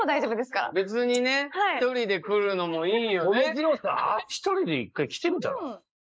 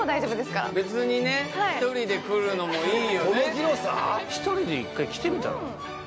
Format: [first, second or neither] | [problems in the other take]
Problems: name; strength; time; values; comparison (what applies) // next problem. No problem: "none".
second | noise reduction (neural mask model Resemble Enhance denoiser)